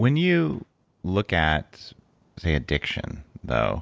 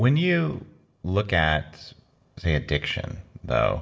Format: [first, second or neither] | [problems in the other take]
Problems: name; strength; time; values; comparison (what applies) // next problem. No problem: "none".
first | room echo; dies away in 0.6 s